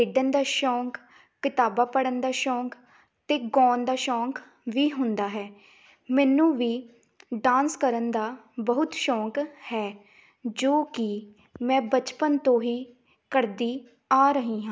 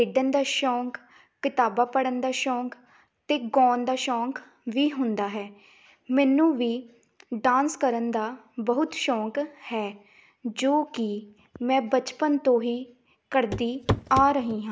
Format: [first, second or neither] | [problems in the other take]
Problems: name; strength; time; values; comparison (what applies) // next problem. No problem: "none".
first | background sound (Walk, footsteps / Run / Wood); 5 dB below the speech